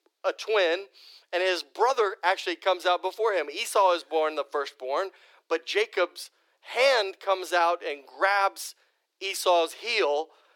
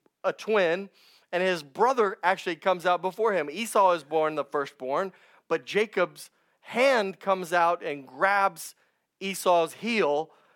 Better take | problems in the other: second | thin; very; fading below 350 Hz

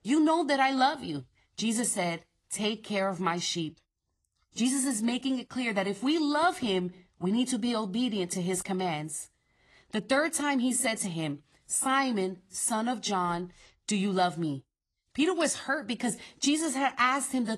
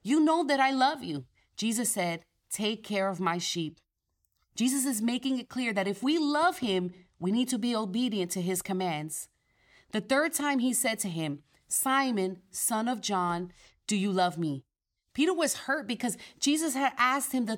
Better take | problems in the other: second | garbled, watery; slightly

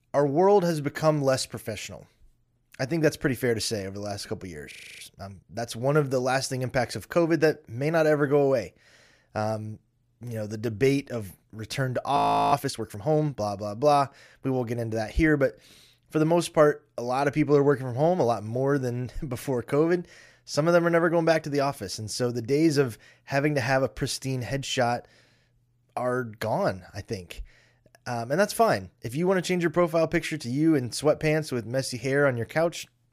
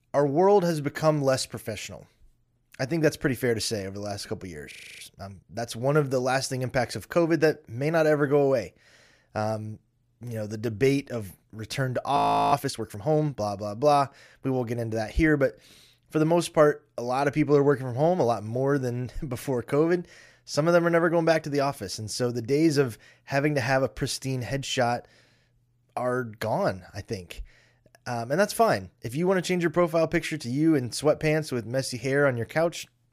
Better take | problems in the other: neither | audio freezing; at 4.5 s and at 12 s; the same in both

